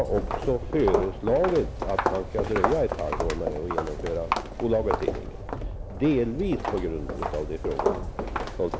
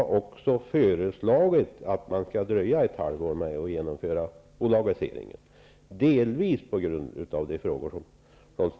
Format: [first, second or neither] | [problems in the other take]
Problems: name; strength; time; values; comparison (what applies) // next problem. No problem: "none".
second | background sound (Walk, footsteps + Train); 2 dB below the speech